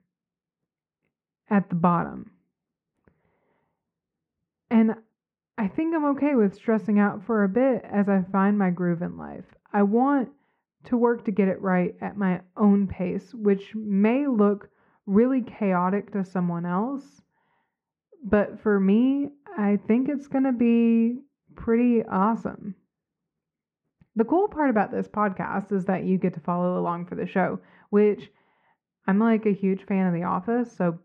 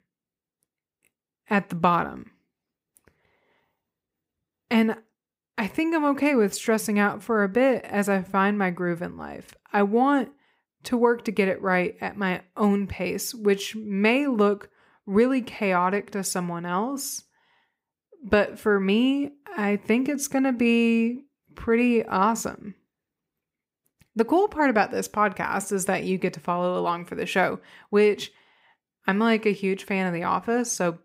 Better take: second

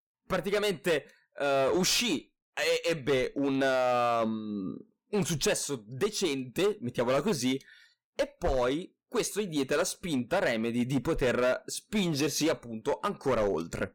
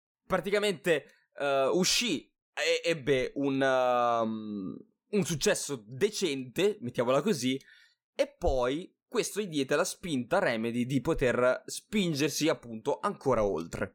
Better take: second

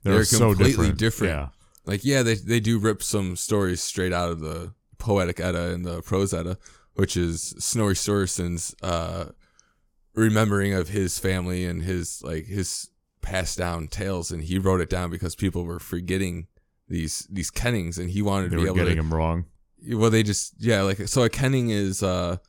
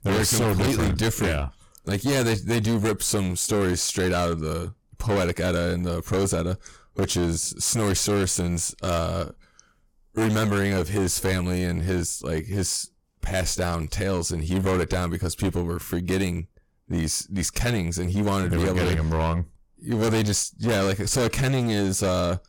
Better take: first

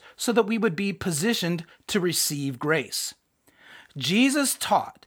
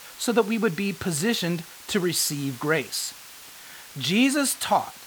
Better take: first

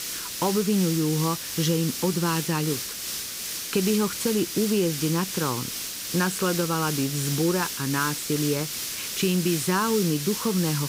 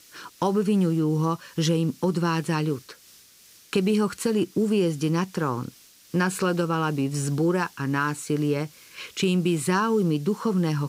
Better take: second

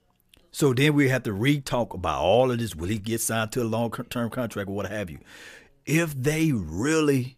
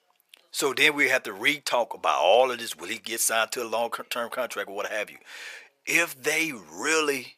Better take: first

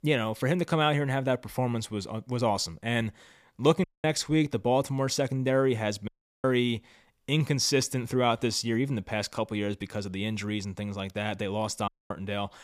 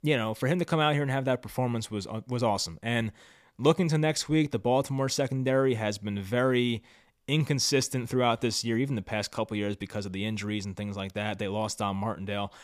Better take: second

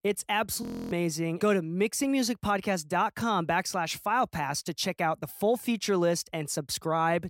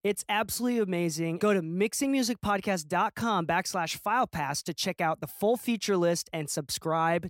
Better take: second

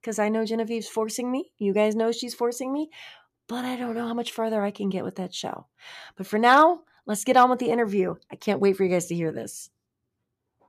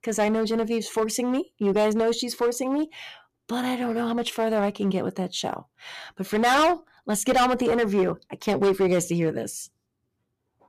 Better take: first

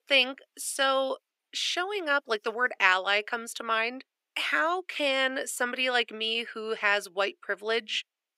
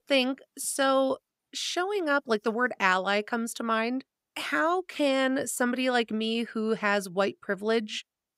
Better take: second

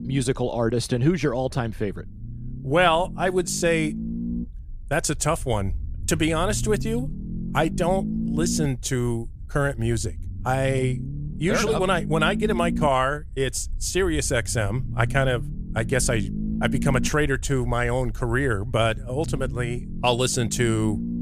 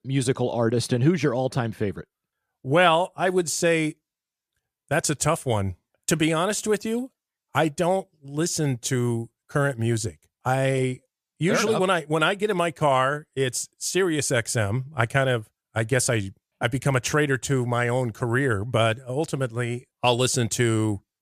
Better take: second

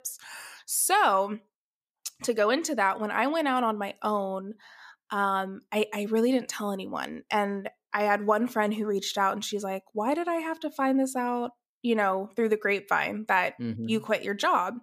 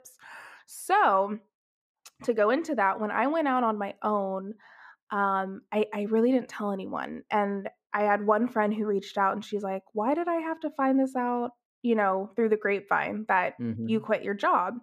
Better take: first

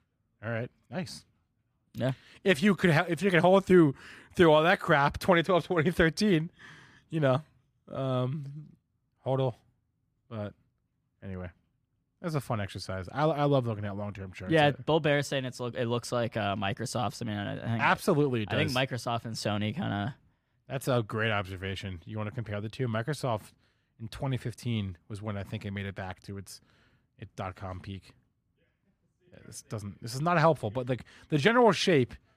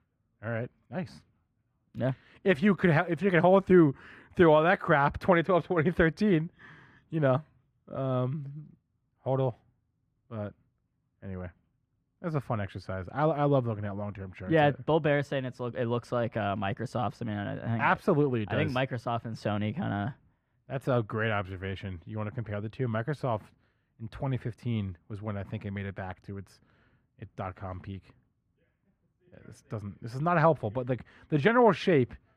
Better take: first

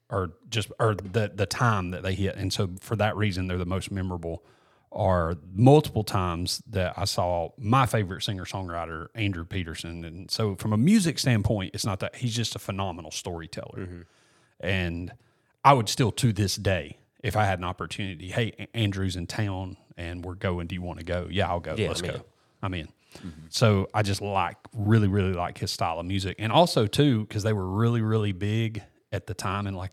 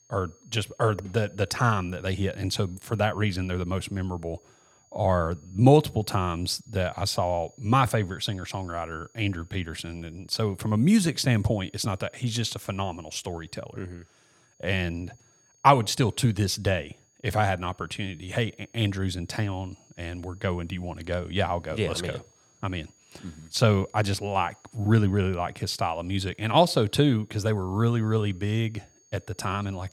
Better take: first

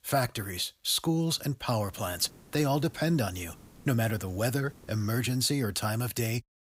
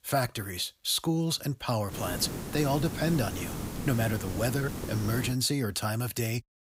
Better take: first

